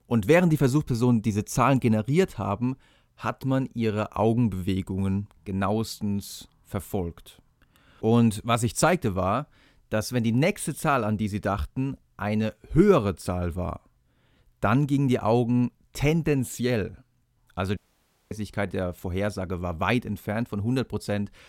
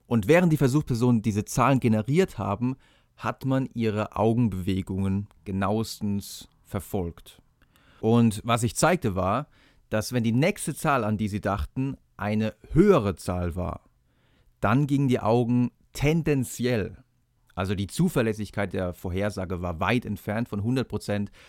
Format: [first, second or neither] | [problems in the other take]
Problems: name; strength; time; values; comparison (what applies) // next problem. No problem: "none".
second | audio cutting out; at 18 s for 0.5 s